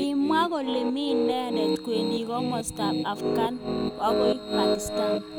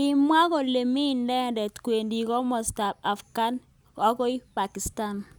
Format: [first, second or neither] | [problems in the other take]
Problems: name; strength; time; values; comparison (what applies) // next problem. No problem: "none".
second | background sound (Piano); 1 dB above the speech